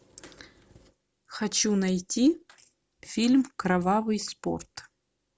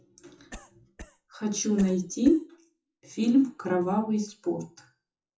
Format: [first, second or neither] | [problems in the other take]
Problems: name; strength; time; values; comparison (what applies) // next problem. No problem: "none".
first | noise reduction (classical method WPE with log-MMSE)